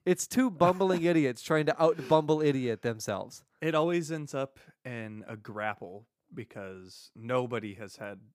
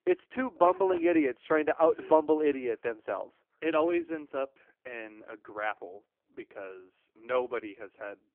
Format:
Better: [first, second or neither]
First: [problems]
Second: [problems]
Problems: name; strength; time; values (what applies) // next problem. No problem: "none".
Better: first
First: none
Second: phone-call audio; poor line